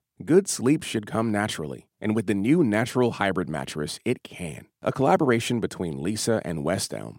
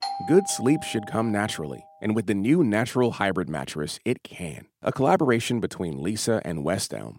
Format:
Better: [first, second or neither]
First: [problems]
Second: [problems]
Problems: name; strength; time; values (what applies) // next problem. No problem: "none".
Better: first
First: none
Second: doorbell; noticeable; until 1.5 s; peak 6 dB below the speech